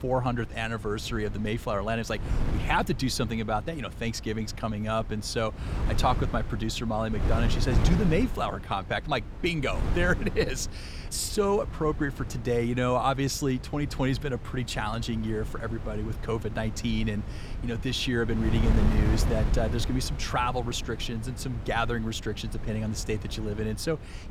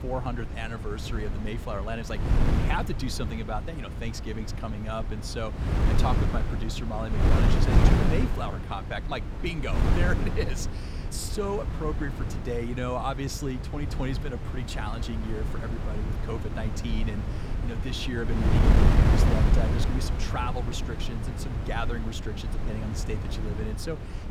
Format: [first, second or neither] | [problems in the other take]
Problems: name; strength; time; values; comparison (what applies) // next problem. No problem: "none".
first | wind noise on the microphone; heavy; 2 dB below the speech; occasional gusts in the first